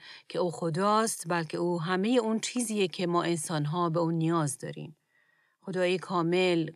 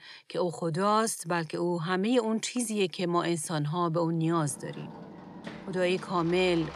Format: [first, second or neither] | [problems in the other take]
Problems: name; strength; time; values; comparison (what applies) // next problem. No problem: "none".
first | machinery noise; noticeable; from 4.5 s on; 15 dB below the speech